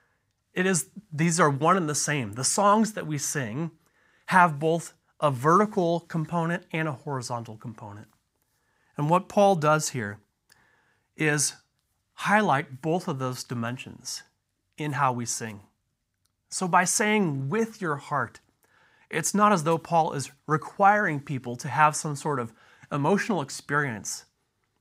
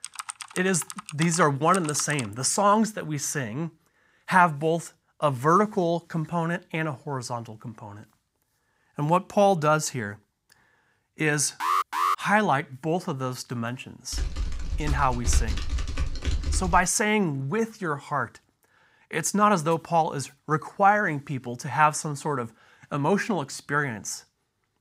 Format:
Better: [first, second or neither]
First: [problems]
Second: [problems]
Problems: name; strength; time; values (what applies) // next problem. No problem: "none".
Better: first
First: none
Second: keyboard typing; noticeable; until 2.5 s and from 14 to 17 s; peak 2 dB below the speech // alarm; loud; at 12 s; peak 1 dB above the speech